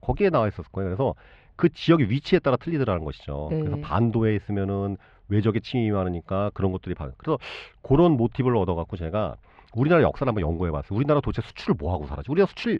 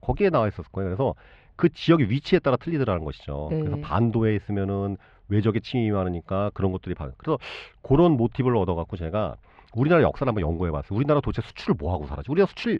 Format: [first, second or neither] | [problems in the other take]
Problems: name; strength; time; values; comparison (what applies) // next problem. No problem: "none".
neither | muffled; very; fading above 2.5 kHz; the same in both